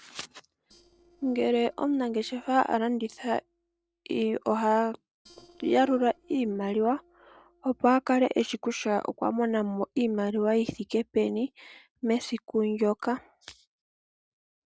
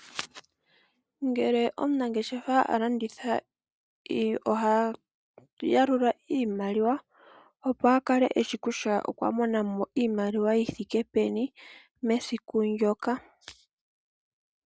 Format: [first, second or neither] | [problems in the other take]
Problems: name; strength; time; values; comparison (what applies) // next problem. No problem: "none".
second | noise reduction (neural separator model SepFormer DNS4)